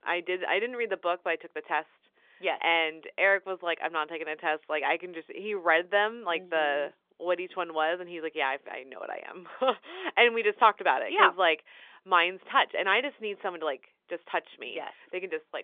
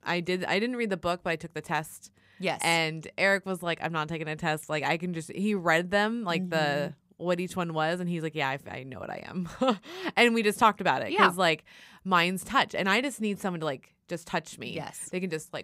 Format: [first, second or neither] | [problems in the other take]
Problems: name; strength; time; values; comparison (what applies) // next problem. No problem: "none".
second | phone-call audio; nothing above 3.5 kHz